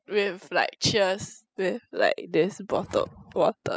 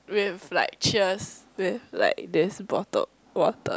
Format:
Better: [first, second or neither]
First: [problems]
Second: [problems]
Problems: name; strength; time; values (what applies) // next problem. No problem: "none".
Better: second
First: noise reduction (classical method spectral subtraction)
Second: none